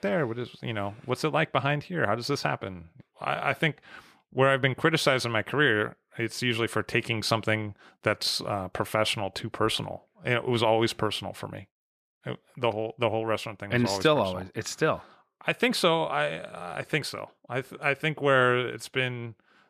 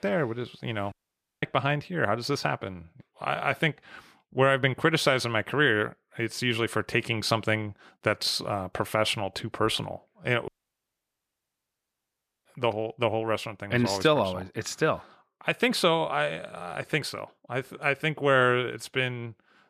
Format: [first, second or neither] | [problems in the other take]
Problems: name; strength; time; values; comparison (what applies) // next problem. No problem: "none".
first | audio cutting out; at 1 s and at 10 s for 2 s